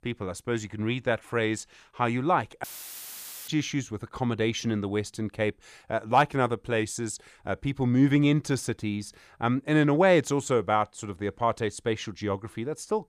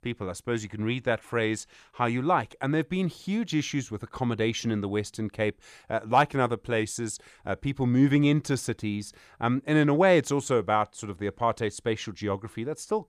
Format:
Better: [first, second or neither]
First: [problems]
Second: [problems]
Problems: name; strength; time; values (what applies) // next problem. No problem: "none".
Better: second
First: audio cutting out; filled with static; at 2.5 s for 1 s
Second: none